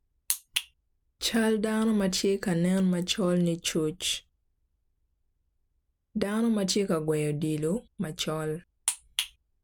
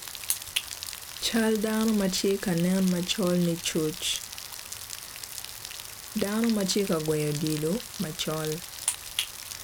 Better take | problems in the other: first | background sound (Rain); 11 dB below the speech

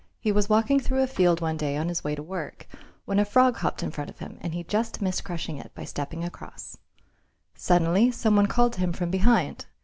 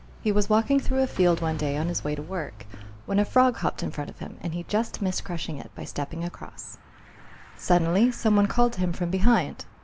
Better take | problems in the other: first | background sound (Mechanisms / Bicycle); 18 dB below the speech

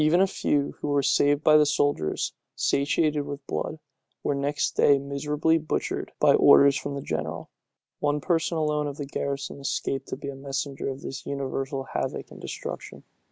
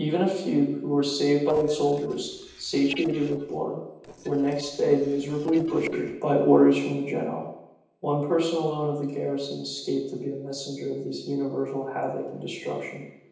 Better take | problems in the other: first | noise reduction (neural separator model SepFormer DNS4)

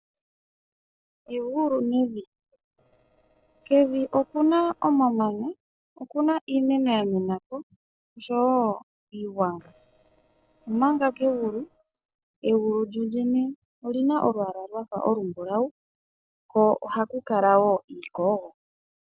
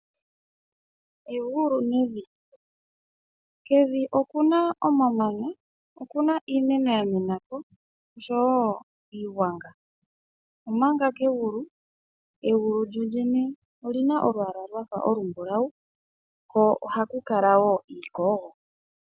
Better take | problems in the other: second | noise reduction (neural separator model SepFormer DNS4)

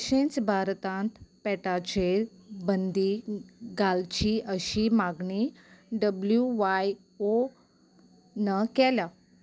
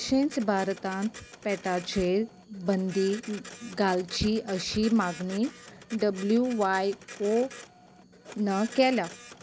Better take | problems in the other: first | background sound (Printer); 17 dB below the speech

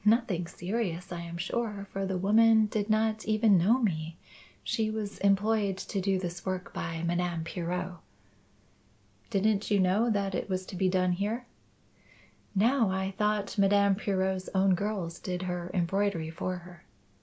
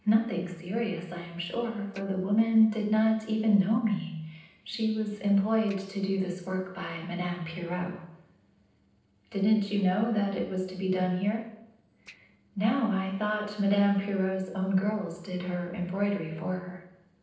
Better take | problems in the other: first | noise reduction (neural separator model SepFormer DNS4)

